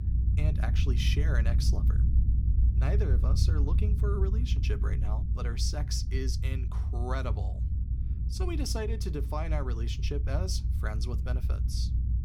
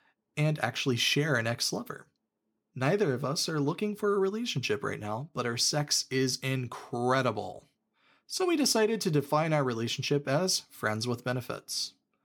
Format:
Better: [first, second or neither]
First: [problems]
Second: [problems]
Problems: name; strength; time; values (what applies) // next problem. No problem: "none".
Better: second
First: low rumble; loud; throughout; 7 dB below the speech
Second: none